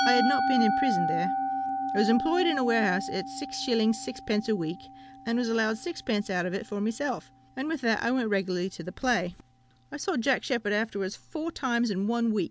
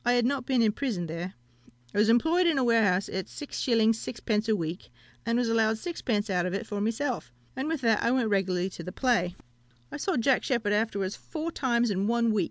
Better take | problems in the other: second | background sound (Musical instrument); 5 dB below the speech

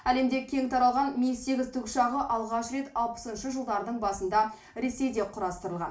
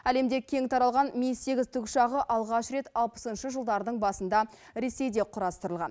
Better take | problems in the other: second | room echo; dies away in 0.4 s

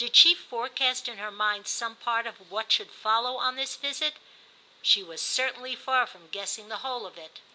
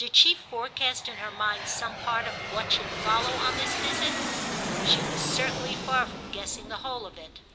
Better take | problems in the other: first | background sound (Aircraft); 4 dB below the speech

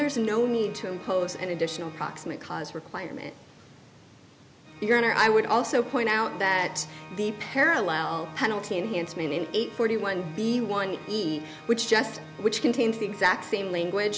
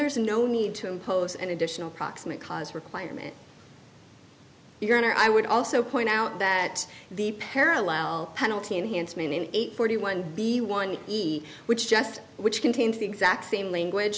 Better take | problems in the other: second | background sound (Organ); 18 dB below the speech

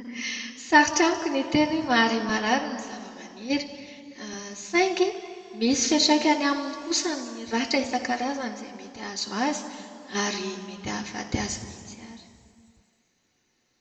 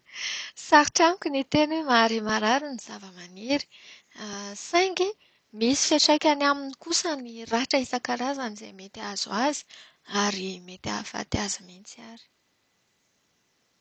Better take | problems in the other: second | room echo; dies away in 2.1 s

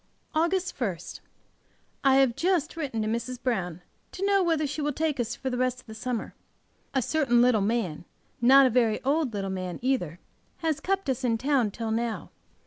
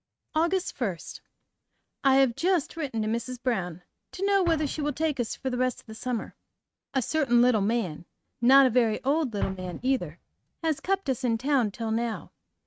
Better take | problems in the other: first | noise reduction (neural mask model RNNoise)

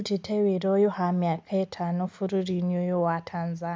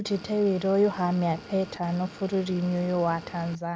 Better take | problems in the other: first | background sound (Motor vehicle (road) / Engine); 18 dB below the speech

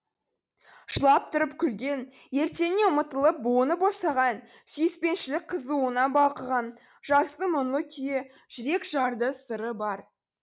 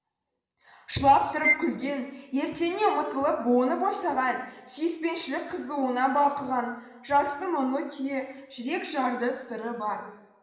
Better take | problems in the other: first | background sound (Bowed string instrument); 3 dB below the speech // room echo; dies away in 1 s

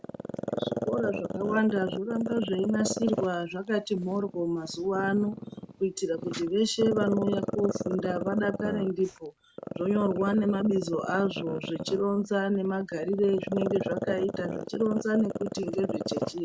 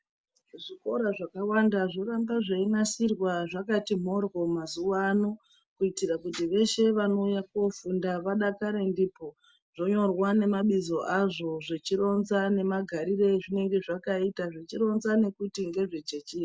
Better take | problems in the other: second | background sound (Growling); 6 dB below the speech

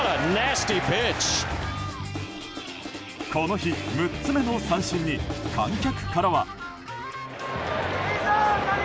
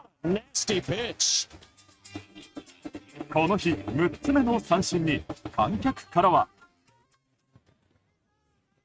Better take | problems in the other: first | noise reduction (neural mask model RNNoise)

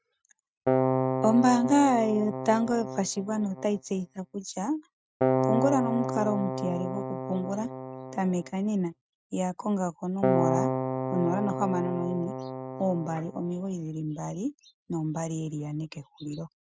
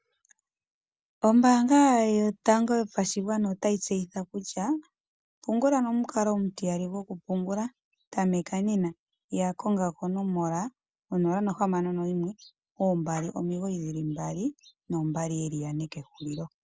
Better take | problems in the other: second | noise reduction (neural mask model RNNoise)

